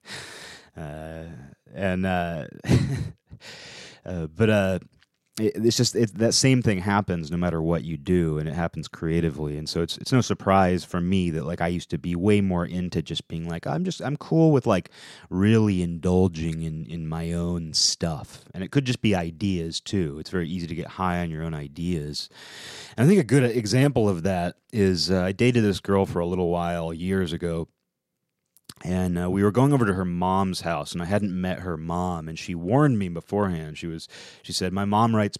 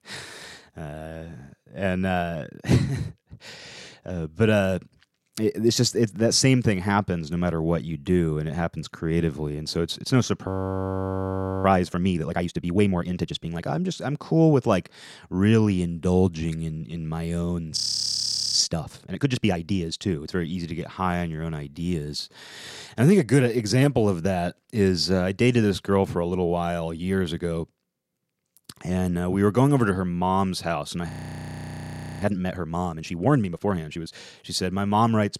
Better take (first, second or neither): first